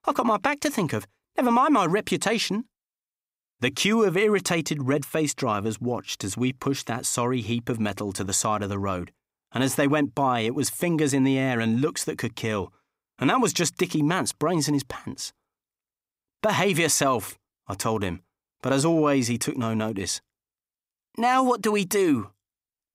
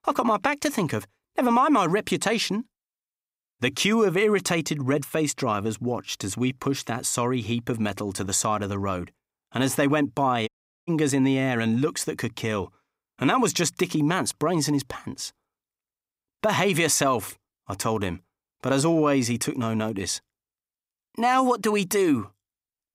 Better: first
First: none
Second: audio cutting out; at 10 s

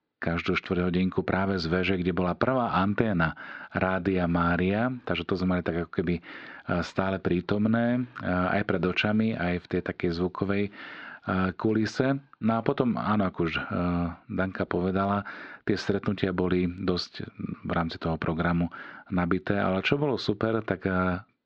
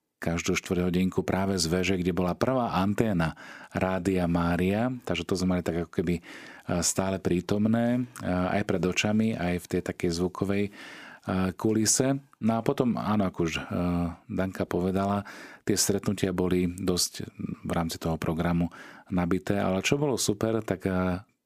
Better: second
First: muffled; slightly; fading above 4 kHz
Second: none

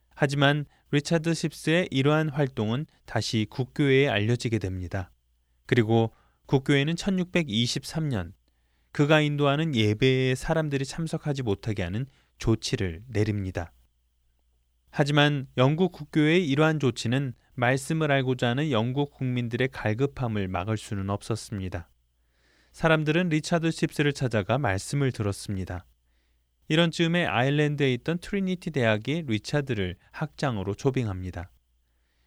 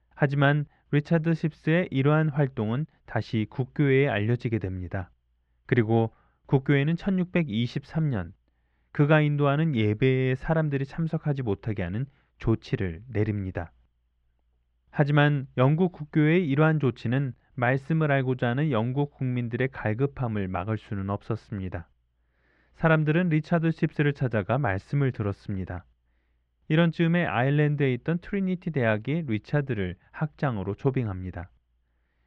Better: first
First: none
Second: muffled; very; fading above 2 kHz

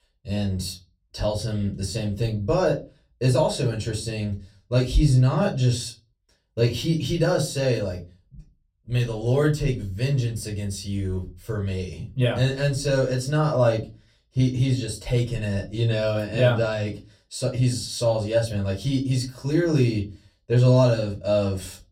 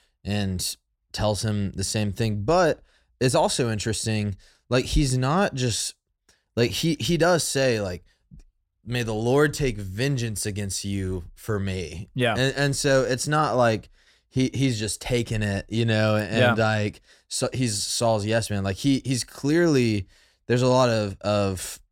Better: second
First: off-mic speech; far // room echo; very slight; dies away in 0.3 s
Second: none

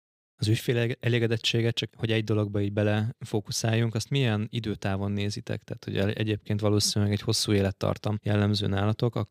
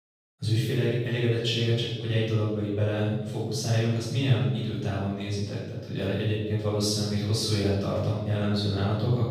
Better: first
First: none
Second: off-mic speech; far // room echo; strong; dies away in 0.9 s

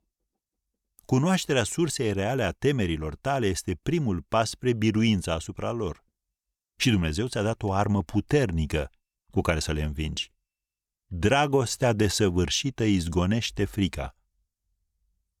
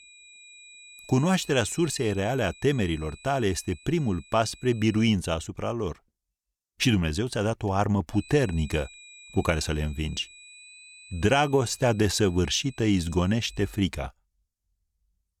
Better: first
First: none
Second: high-pitched whine; faint; until 5 s and from 8 to 14 s; 2.5 kHz, 20 dB below the speech

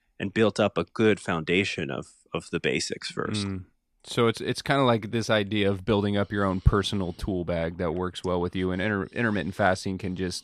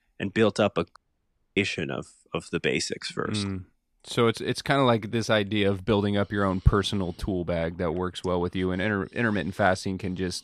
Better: first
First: none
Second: audio cutting out; at 1 s for 0.5 s

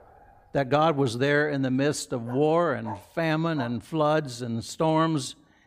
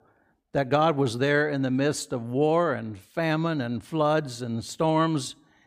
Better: second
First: animal sounds; noticeable; throughout; 20 dB below the speech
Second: none

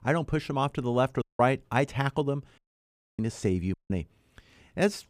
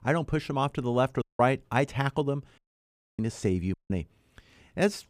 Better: neither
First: audio cutting out; at 1 s, at 2.5 s for 0.5 s and at 3.5 s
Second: audio cutting out; at 1 s, at 2.5 s for 0.5 s and at 3.5 s

